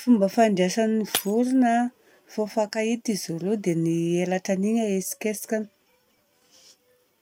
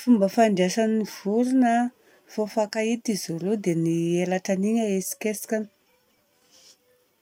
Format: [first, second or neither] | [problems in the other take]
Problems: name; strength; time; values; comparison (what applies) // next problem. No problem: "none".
second | background sound (Shatter); 14 dB below the speech